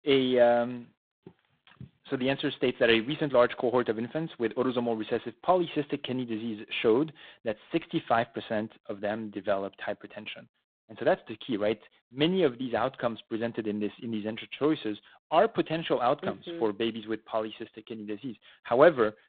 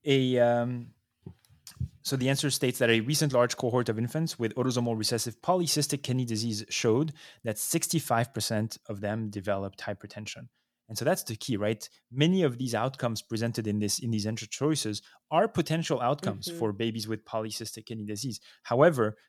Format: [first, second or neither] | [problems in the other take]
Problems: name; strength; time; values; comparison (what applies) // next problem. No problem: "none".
second | phone-call audio; poor line; nothing above 3.5 kHz